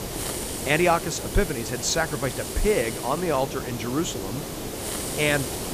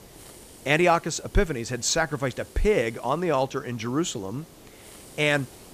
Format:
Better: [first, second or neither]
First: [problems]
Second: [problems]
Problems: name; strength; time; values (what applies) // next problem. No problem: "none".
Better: second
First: hiss; loud; throughout; 5 dB below the speech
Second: hiss; faint; throughout; 20 dB below the speech